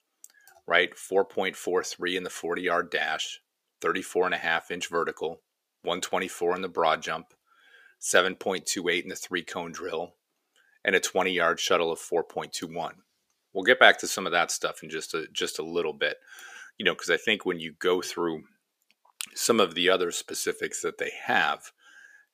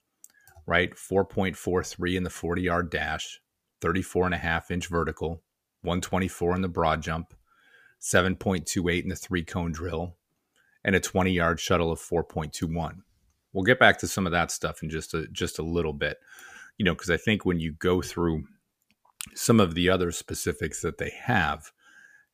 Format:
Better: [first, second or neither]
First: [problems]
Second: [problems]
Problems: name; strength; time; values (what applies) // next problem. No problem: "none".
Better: second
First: thin; somewhat; fading below 400 Hz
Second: none